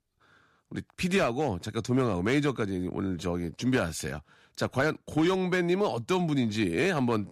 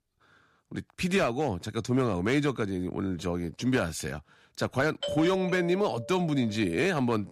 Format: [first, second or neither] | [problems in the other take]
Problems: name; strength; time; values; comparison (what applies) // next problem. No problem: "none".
first | doorbell; noticeable; from 5 to 6.5 s; peak 5 dB below the speech